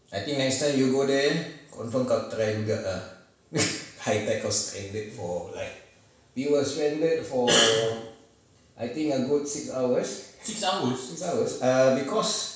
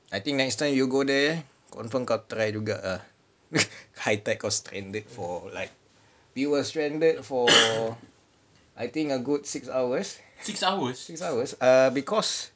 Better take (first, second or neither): second